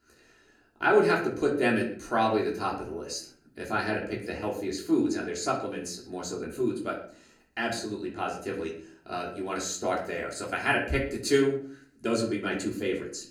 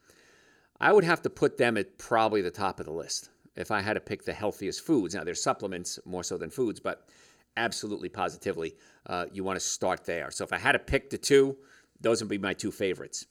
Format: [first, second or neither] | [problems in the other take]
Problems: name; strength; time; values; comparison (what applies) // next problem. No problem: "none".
second | off-mic speech; far // room echo; slight; dies away in 0.5 s